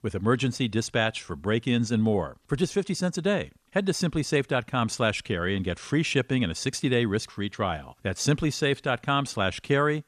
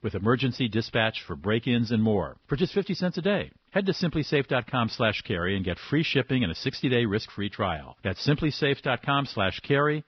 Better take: first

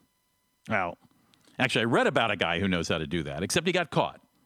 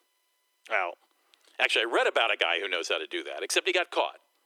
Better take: first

